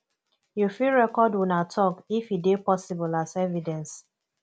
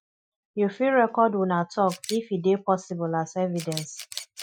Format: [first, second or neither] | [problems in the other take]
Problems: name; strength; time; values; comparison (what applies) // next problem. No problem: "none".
first | noise reduction (classical method Wiener filter)